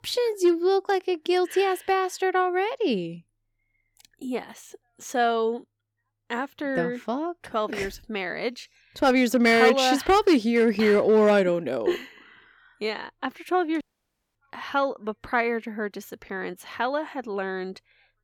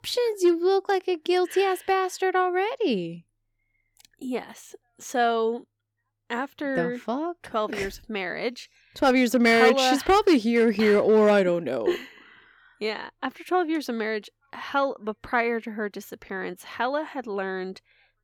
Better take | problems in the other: second | audio cutting out; at 14 s for 0.5 s

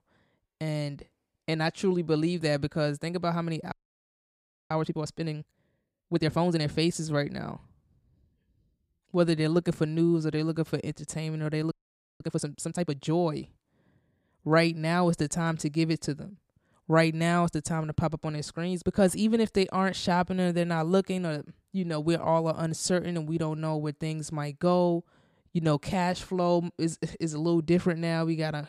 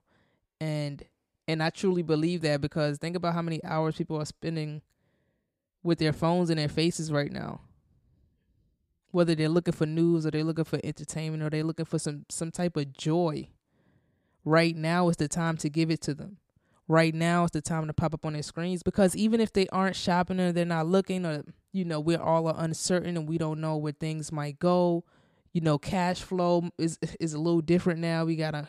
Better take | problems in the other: second | audio freezing; at 3.5 s for 1 s and at 12 s

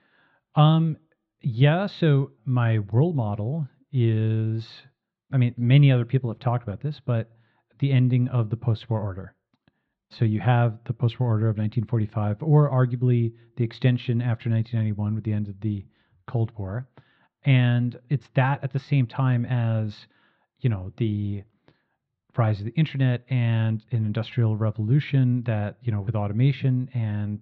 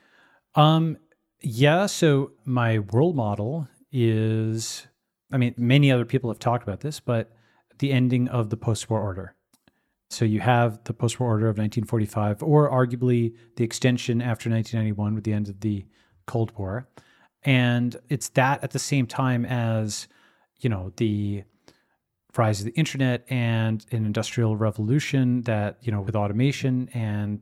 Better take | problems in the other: second | muffled; slightly; fading above 4 kHz

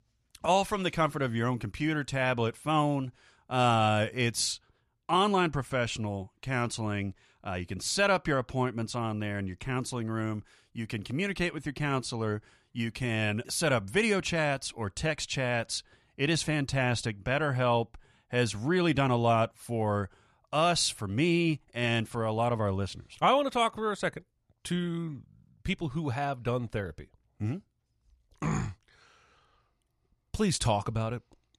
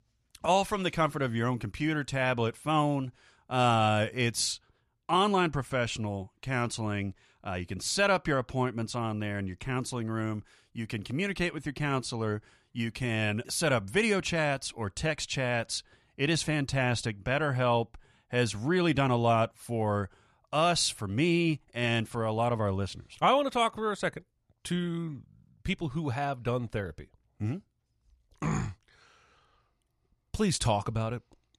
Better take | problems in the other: neither | none

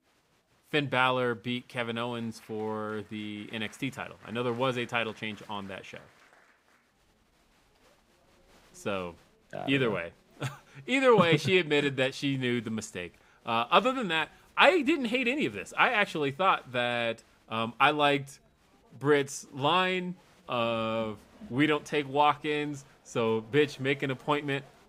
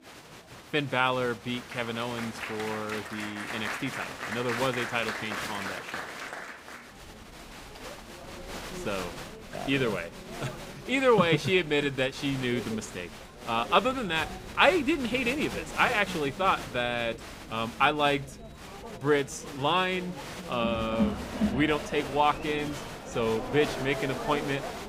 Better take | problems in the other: first | crowd noise; loud; throughout; 9 dB below the speech; faint in the first

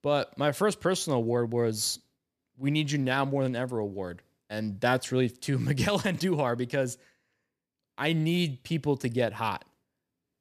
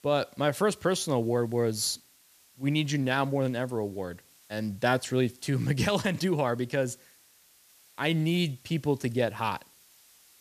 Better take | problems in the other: first | hiss; faint; throughout; 30 dB below the speech

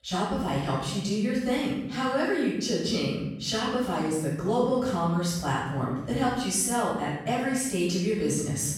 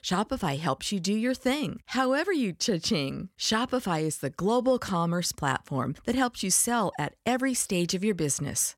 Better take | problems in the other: second | room echo; strong; dies away in 0.9 s // off-mic speech; far

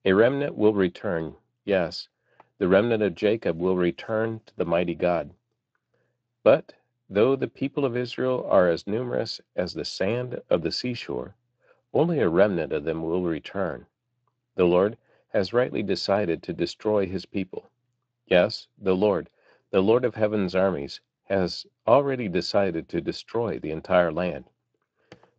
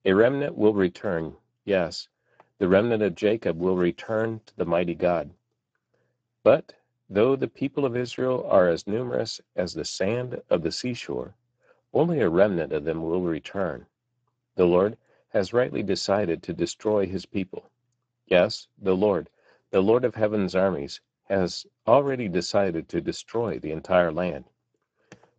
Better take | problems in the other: first | garbled, watery; badly; nothing above 7.5 kHz; slightly in the first

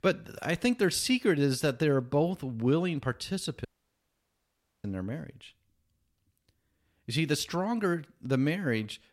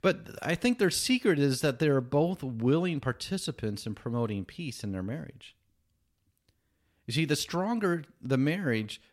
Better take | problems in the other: second | audio cutting out; at 3.5 s for 1 s

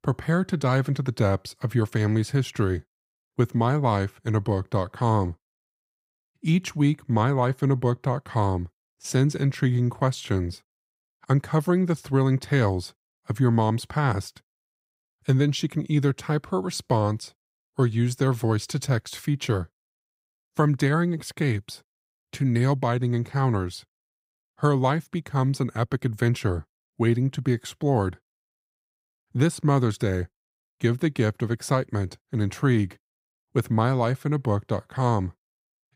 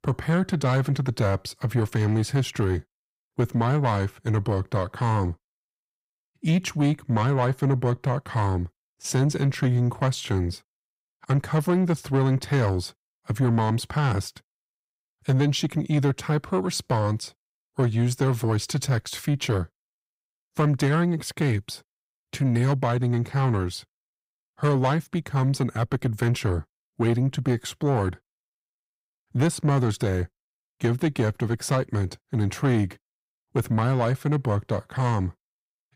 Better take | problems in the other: first | distortion; slight; 10 dB below the speech

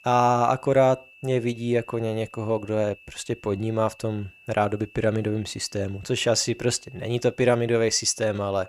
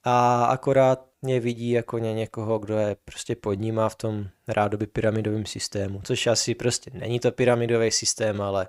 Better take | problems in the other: second | high-pitched whine; faint; throughout; 2.5 kHz, 25 dB below the speech

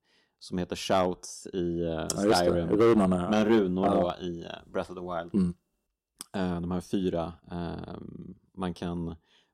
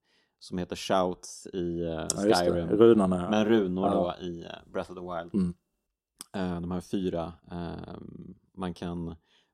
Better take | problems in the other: second | distortion; slight; 1.4% of the sound clipped

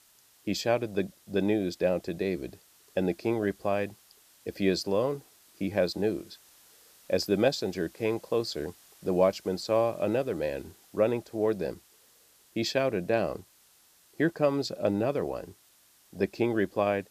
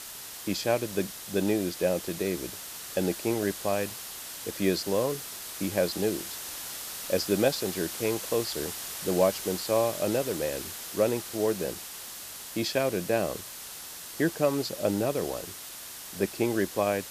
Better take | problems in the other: first | hiss; loud; throughout; 7 dB below the speech; faint in the first

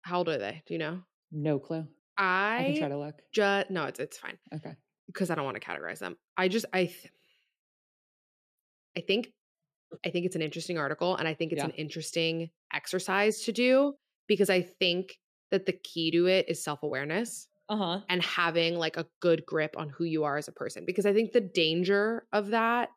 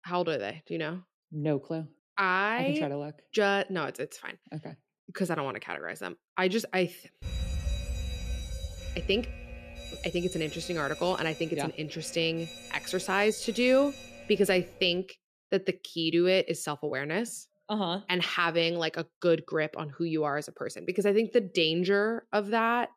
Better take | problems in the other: first | alarm; noticeable; from 7 to 14 s; peak 4 dB below the speech

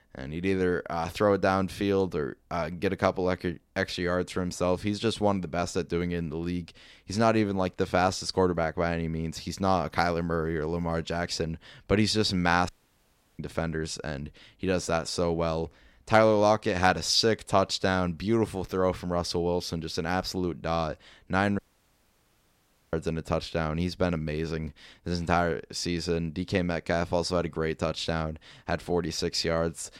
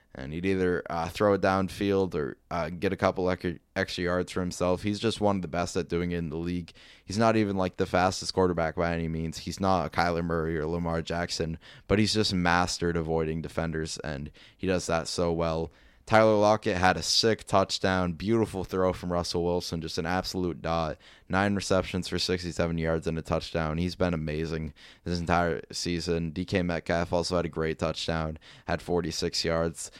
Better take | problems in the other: second | audio cutting out; at 13 s for 0.5 s and at 22 s for 1.5 s

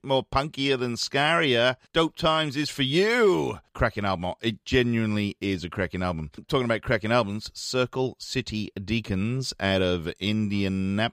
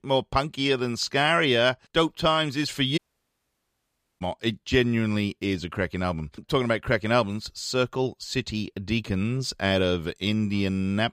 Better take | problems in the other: first | audio cutting out; at 3 s for 1 s

